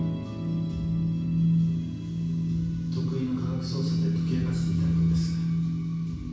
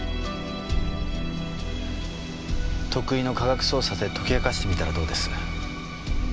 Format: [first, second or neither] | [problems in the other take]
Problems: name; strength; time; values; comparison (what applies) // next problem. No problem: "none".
second | background sound (Electric guitar / Strum); 14 dB below the speech // room echo; dies away in 1.2 s